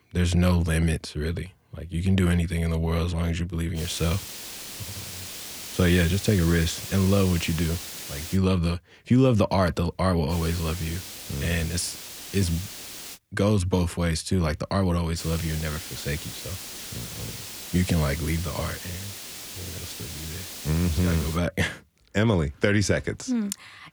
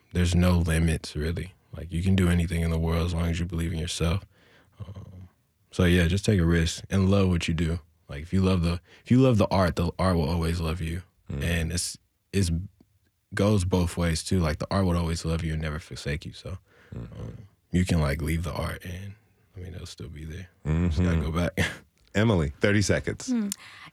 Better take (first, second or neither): second